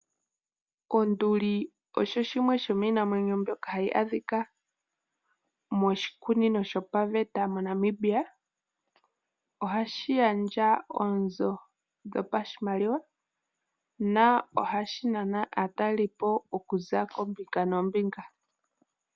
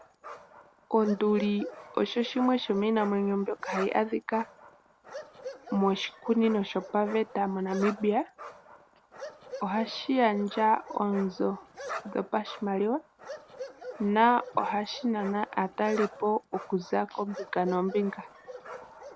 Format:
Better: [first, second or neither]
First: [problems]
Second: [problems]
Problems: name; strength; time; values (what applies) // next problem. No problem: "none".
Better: first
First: none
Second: background sound (Bark); 14 dB below the speech